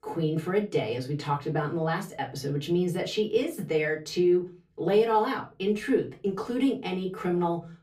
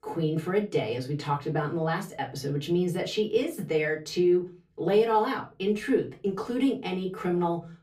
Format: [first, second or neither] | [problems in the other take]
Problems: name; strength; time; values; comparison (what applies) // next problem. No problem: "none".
neither | off-mic speech; far; the same in both // room echo; very slight; dies away in 0.2 s; the same in both